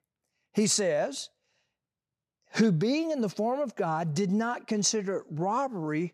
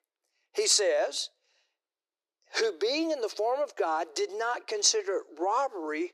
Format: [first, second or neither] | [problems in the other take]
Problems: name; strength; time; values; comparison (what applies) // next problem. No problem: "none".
first | thin; very; fading below 350 Hz